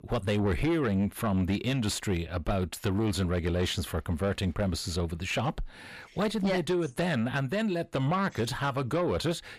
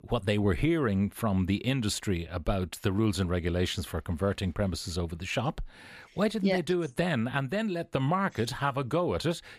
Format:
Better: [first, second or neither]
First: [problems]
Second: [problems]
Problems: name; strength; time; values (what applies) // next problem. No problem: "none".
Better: second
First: distortion; slight; 10 dB below the speech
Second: none